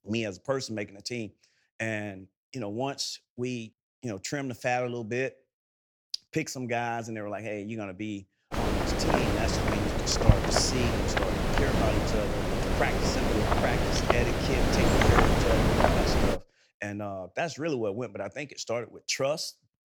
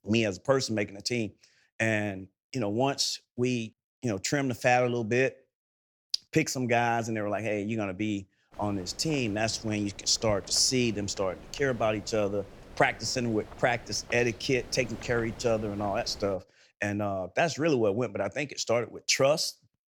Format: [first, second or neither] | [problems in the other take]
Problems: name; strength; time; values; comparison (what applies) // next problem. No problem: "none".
second | wind noise on the microphone; heavy; from 8.5 to 16 s; 5 dB above the speech; occasional gusts in the second